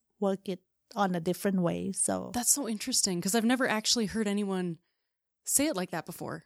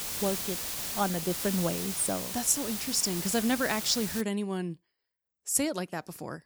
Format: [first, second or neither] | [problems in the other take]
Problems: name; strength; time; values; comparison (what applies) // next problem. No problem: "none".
first | hiss; loud; until 4 s; 4 dB below the speech